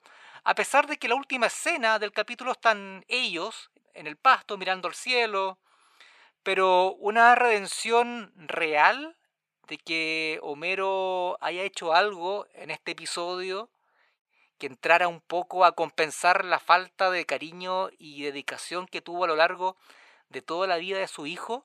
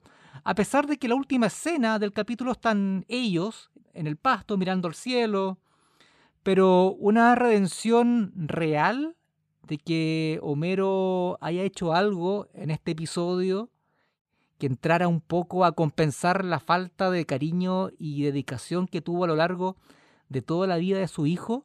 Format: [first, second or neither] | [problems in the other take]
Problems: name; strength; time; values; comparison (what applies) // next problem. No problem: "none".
second | thin; very; fading below 700 Hz